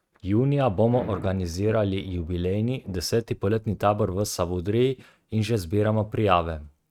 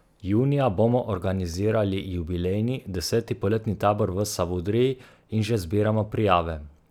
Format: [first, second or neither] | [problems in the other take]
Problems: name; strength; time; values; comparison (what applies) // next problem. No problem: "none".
second | noise reduction (neural mask model RNNoise)